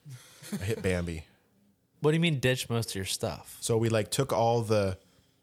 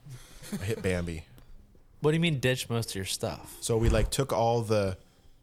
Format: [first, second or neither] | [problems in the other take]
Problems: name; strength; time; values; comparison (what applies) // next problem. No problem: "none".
first | hiss; loud; throughout; 7 dB below the speech